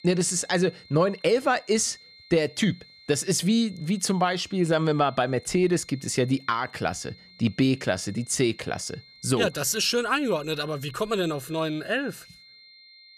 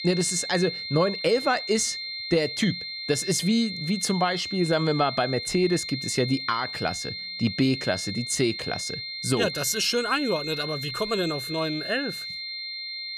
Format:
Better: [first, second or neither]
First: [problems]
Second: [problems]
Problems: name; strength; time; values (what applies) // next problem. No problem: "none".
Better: first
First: high-pitched whine; faint; throughout; 4 kHz, 25 dB below the speech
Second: high-pitched whine; loud; throughout; 4 kHz, 6 dB below the speech